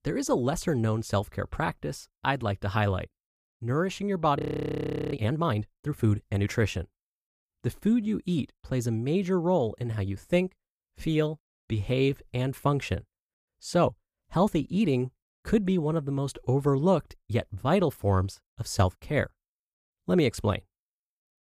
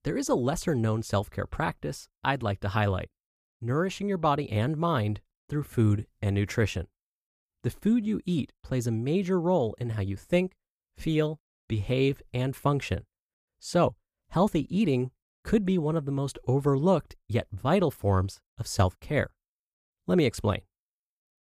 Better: second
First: audio freezing; at 4.5 s for 0.5 s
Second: none

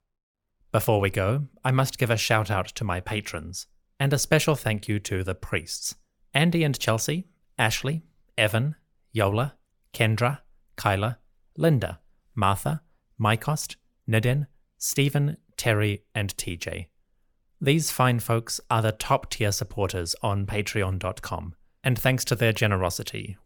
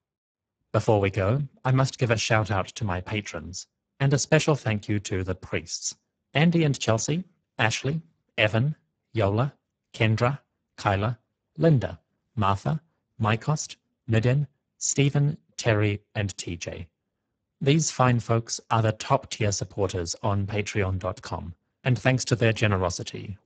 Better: first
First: none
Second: garbled, watery; badly; nothing above 7.5 kHz

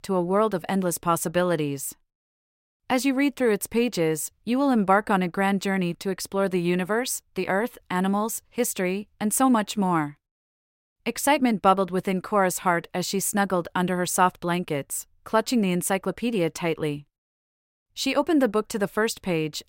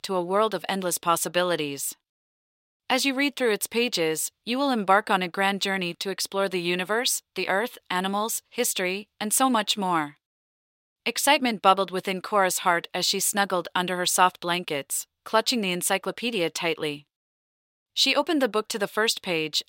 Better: first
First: none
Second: thin; very slightly; fading below 450 Hz

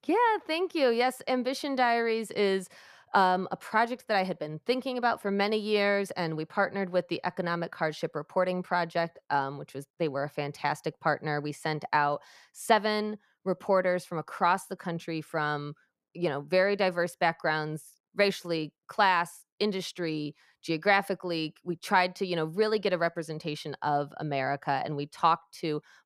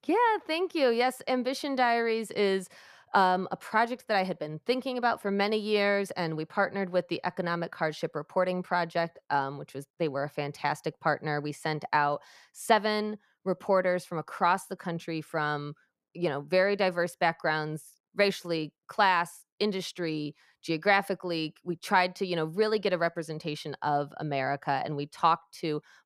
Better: neither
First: none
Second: none

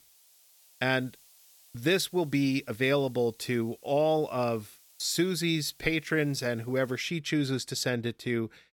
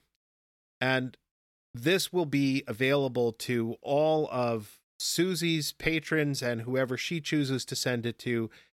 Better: second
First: hiss; faint; until 7 s; 25 dB below the speech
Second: none

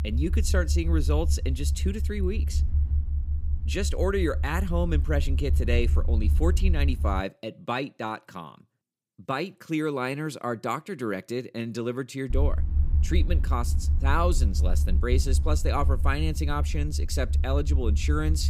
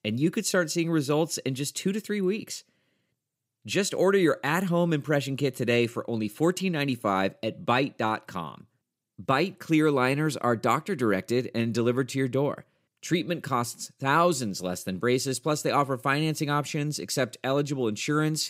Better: second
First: low rumble; noticeable; until 7 s and from 12 s on; 15 dB below the speech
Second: none

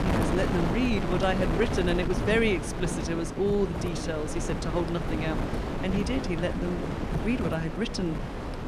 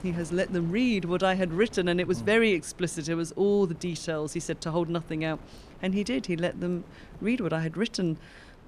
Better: second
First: wind noise on the microphone; heavy; 3 dB below the speech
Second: wind noise on the microphone; occasional gusts; 25 dB below the speech

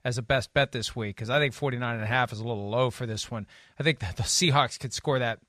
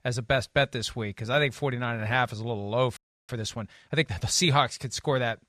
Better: first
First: none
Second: audio freezing; at 3 s

